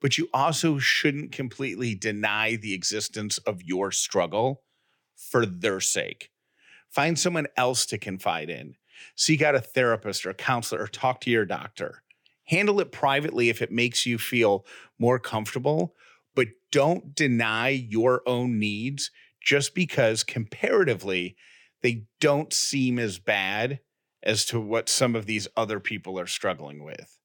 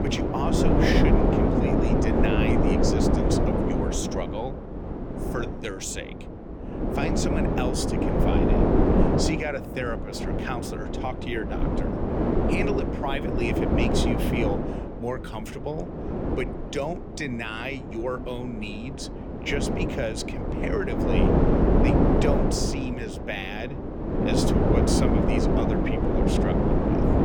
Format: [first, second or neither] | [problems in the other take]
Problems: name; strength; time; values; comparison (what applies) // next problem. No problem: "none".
first | wind noise on the microphone; heavy; 5 dB above the speech